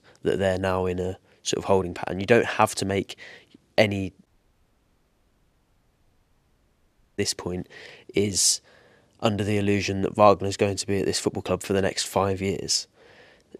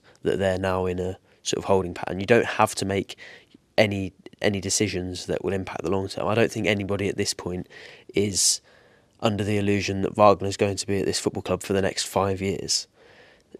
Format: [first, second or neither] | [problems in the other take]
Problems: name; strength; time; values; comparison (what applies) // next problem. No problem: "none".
second | audio cutting out; at 4.5 s for 3 s